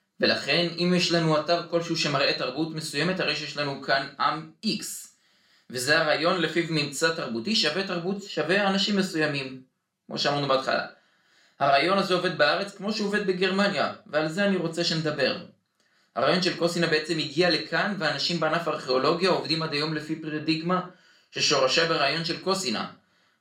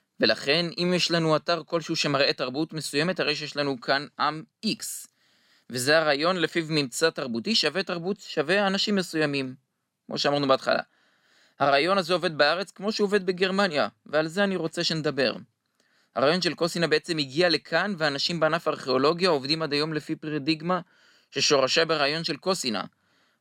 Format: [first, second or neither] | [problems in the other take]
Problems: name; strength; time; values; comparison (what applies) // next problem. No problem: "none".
second | room echo; very slight; dies away in 0.4 s // off-mic speech; somewhat distant